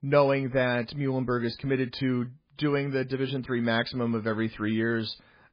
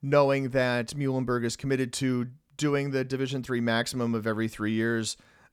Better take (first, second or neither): second